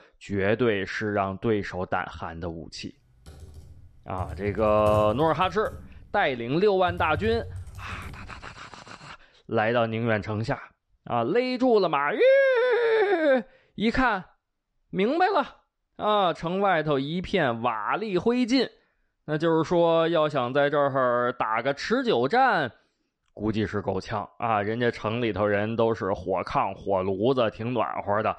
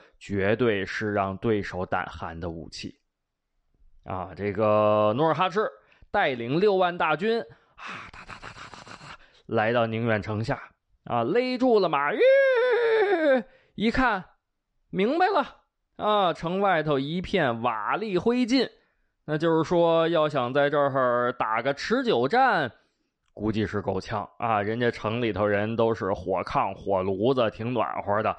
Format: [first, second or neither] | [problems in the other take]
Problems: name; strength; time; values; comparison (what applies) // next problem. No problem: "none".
second | keyboard typing; noticeable; from 3.5 to 8.5 s; peak 9 dB below the speech